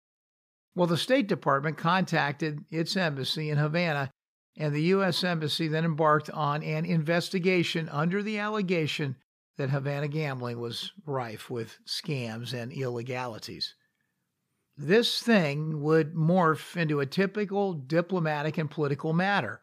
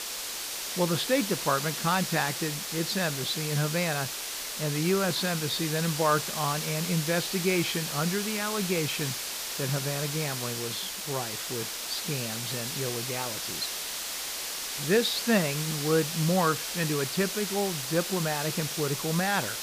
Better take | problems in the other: first | hiss; loud; throughout; 2 dB below the speech

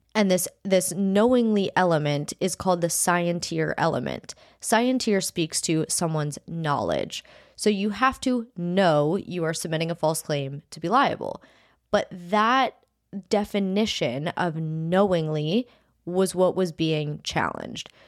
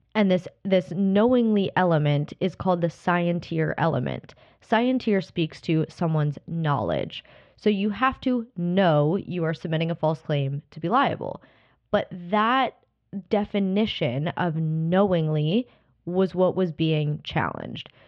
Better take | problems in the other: first | muffled; very; fading above 3 kHz

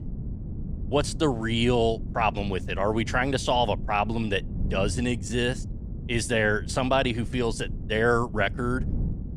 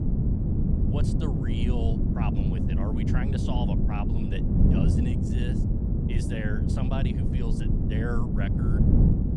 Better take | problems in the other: first | wind noise on the microphone; heavy; 3 dB above the speech; occasional gusts in the first

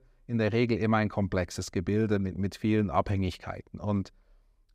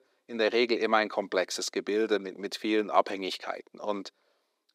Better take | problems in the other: first | thin; somewhat; fading below 300 Hz

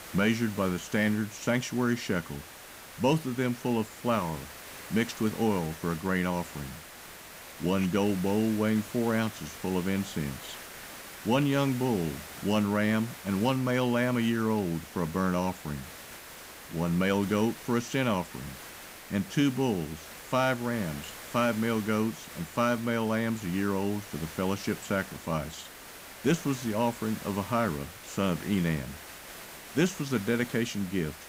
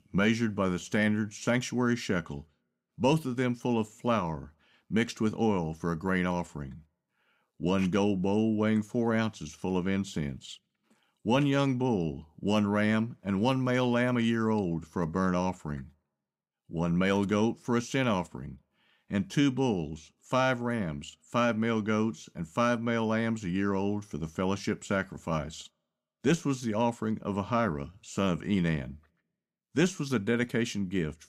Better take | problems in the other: second | hiss; noticeable; throughout; 15 dB below the speech

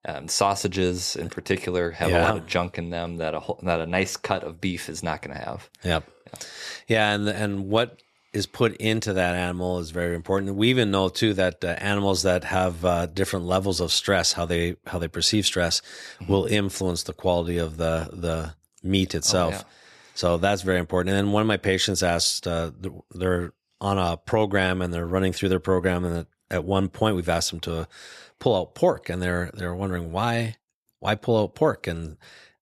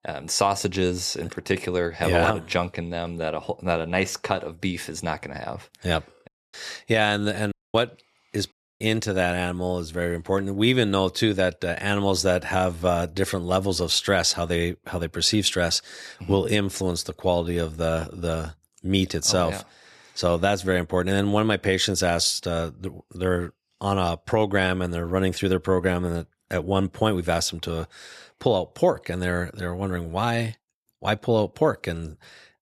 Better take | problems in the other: first | audio cutting out; at 6.5 s, at 7.5 s and at 8.5 s

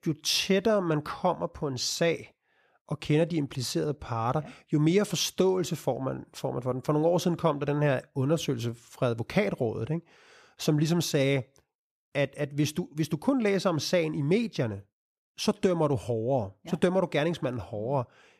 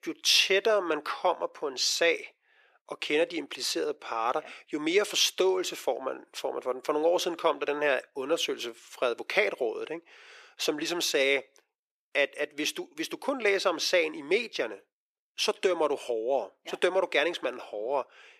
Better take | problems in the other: first | thin; very; fading below 400 Hz

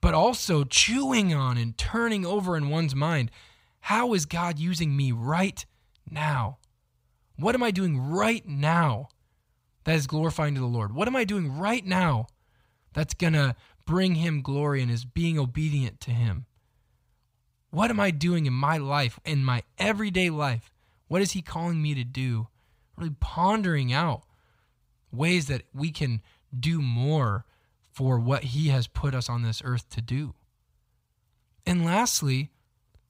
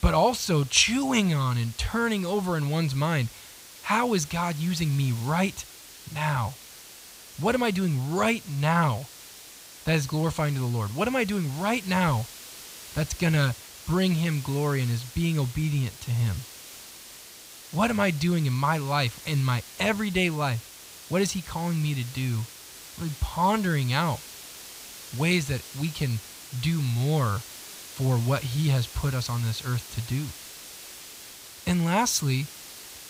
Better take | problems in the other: first | hiss; noticeable; throughout; 15 dB below the speech

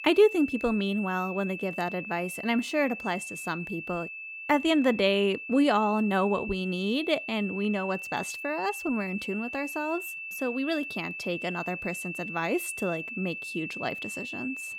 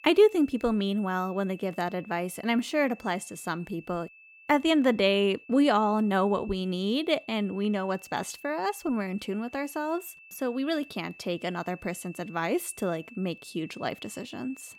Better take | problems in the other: second | high-pitched whine; loud; throughout; 2.5 kHz, 7 dB below the speech; faint in the second

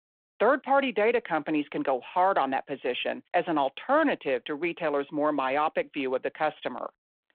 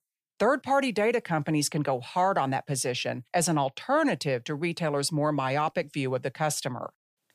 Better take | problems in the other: second | phone-call audio

